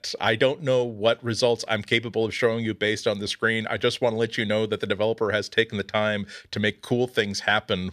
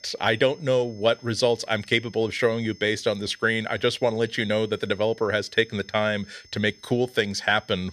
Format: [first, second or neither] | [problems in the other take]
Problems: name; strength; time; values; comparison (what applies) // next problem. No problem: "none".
first | high-pitched whine; faint; throughout; 5 kHz, 25 dB below the speech